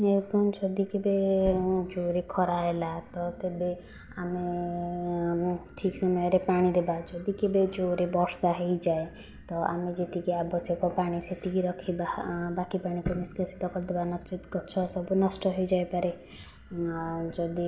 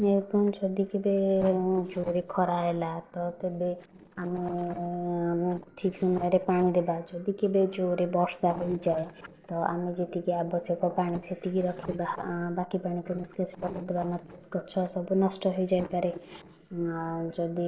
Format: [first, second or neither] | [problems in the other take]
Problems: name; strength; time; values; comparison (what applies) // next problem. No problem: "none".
first | noise reduction (neural separator model SepFormer DNS4)